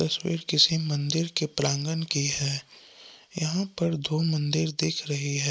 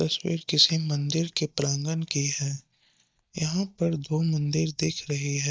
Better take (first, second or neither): first